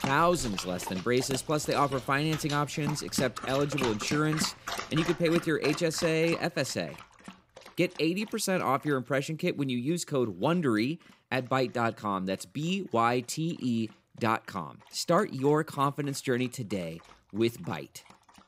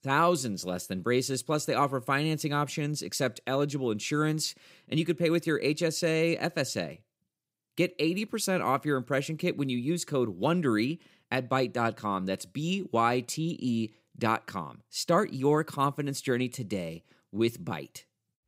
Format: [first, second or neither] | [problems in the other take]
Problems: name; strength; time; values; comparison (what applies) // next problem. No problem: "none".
second | animal sounds; loud; throughout; 9 dB below the speech